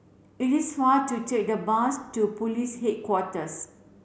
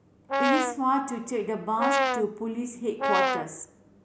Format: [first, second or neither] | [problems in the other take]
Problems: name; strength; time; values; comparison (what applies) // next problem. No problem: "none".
first | background sound (Brass instrument); 3 dB above the speech